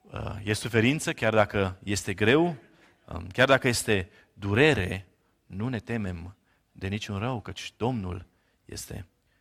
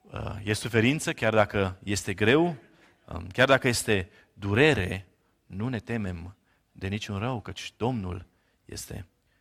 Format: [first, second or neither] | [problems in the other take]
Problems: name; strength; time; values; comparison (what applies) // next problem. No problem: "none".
neither | none